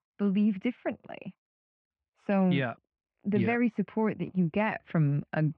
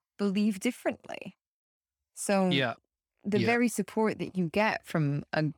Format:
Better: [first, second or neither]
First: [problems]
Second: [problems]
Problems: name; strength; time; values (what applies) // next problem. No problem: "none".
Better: second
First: muffled; very; fading above 3 kHz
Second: none